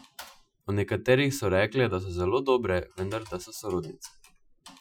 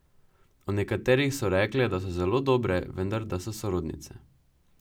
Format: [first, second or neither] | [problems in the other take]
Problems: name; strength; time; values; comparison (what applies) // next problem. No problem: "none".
second | noise reduction (classical method Wiener filter)